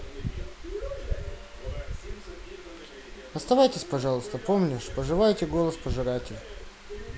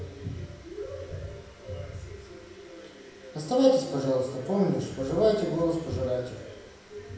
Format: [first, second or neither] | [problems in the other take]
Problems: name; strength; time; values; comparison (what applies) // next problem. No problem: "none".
first | room echo; dies away in 0.9 s